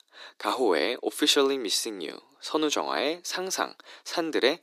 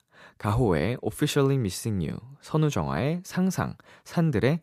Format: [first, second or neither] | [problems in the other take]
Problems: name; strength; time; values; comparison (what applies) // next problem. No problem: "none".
second | thin; somewhat; fading below 300 Hz